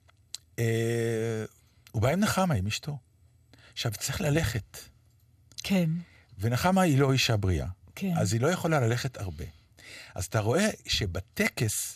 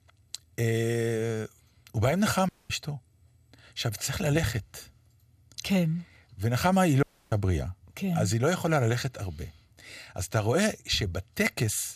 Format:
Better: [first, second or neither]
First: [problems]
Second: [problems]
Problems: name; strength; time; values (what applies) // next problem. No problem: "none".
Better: first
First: none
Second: audio cutting out; at 2.5 s and at 7 s